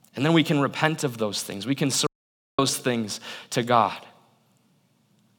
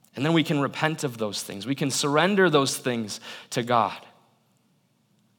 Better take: second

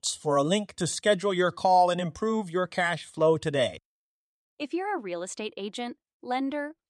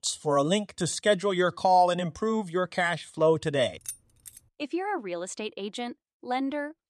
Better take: first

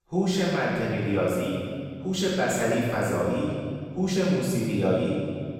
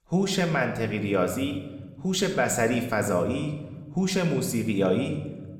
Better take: second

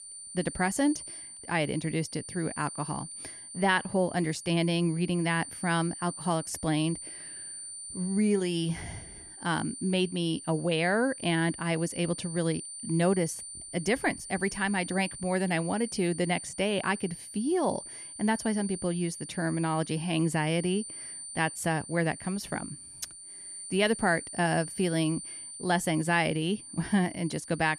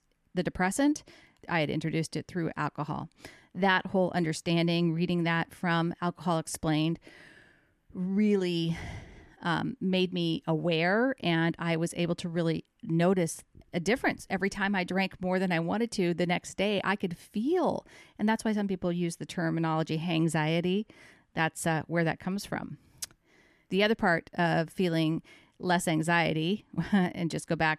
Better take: second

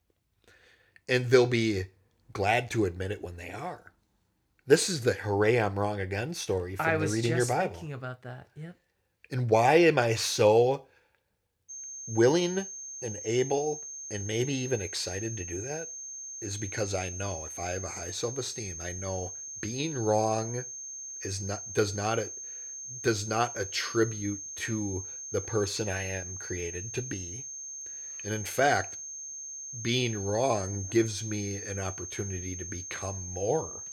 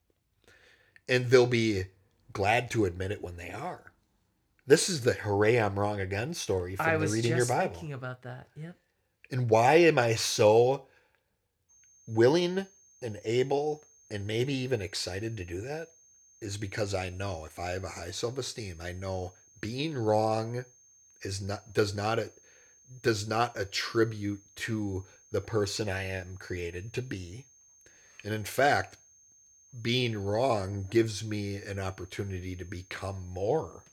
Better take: second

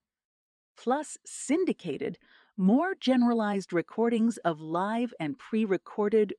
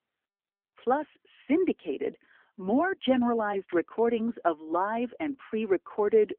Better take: first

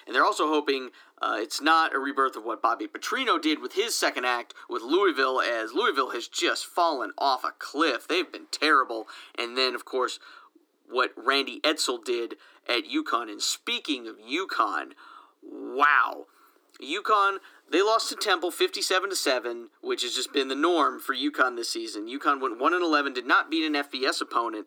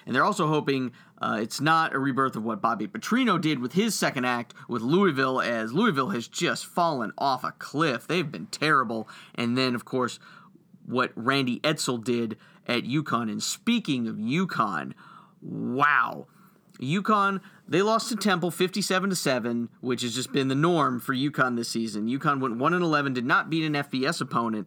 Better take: second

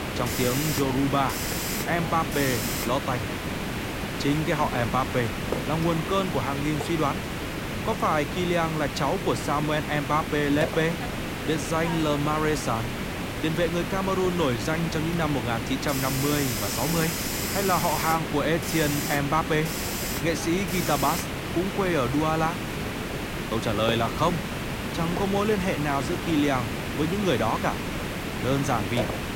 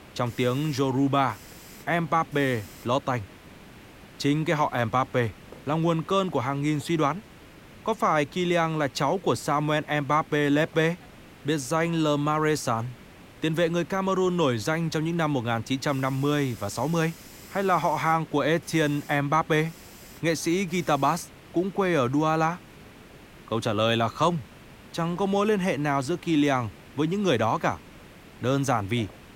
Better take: second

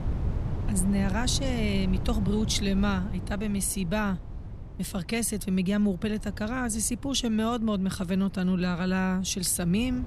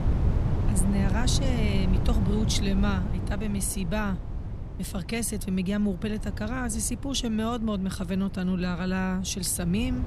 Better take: first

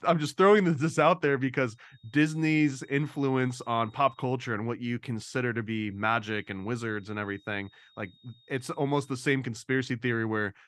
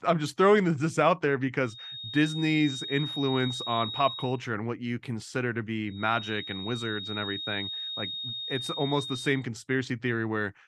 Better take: first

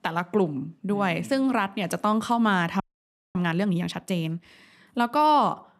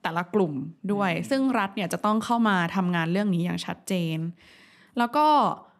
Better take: second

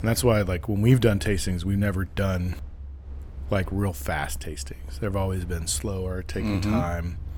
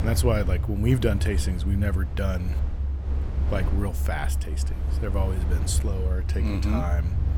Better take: first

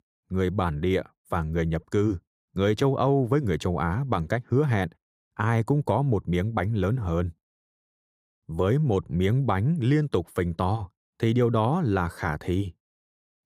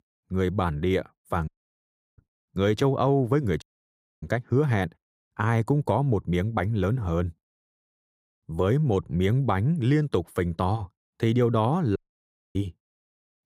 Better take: first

